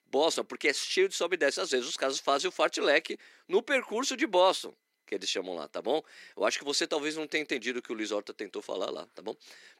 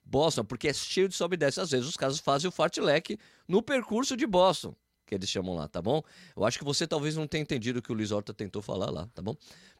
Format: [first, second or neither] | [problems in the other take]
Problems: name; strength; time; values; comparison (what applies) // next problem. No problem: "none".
second | thin; somewhat; fading below 300 Hz